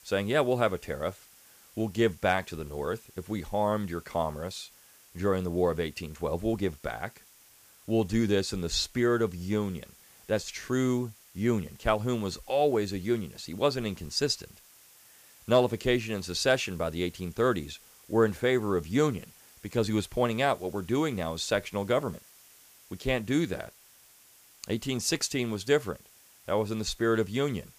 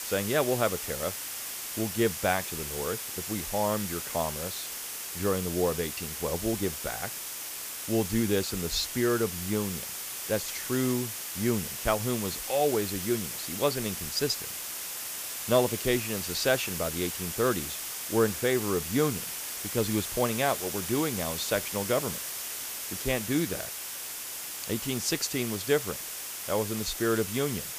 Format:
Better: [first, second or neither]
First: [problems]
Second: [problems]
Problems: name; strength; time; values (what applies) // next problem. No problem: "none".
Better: first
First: hiss; faint; throughout; 25 dB below the speech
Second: hiss; loud; throughout; 4 dB below the speech